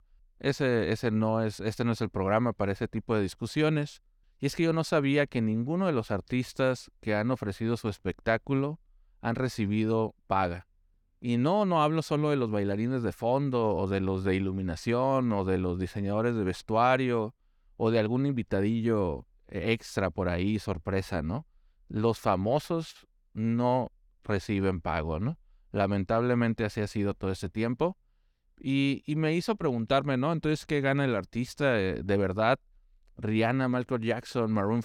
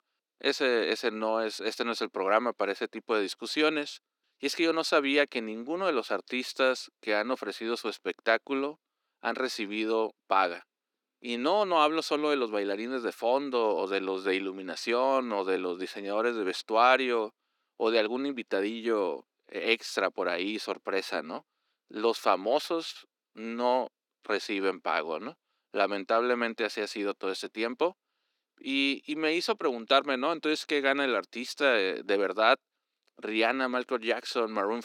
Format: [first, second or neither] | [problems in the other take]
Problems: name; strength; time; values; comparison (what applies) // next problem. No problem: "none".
first | thin; somewhat; fading below 300 Hz